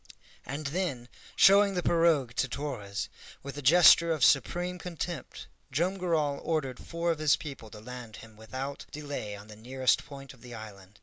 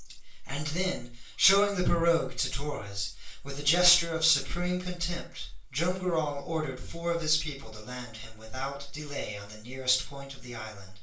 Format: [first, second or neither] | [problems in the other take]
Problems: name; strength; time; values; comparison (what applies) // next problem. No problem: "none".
first | room echo; dies away in 0.3 s